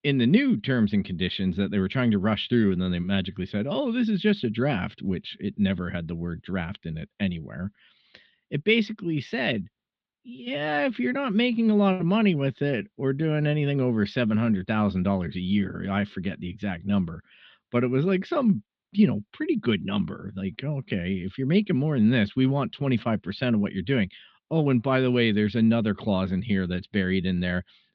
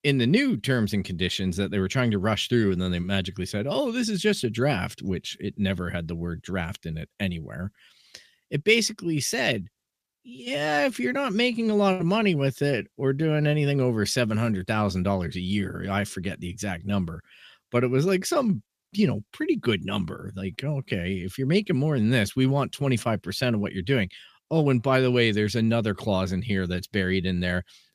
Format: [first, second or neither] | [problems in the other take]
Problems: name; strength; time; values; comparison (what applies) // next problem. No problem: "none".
second | muffled; slightly; fading above 3.5 kHz